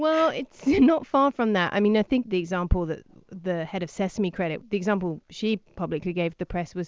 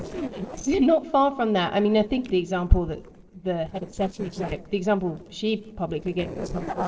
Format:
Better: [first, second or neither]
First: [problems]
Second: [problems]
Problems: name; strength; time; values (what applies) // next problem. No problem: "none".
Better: first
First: none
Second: noise reduction (neural separator model SepFormer DNS4)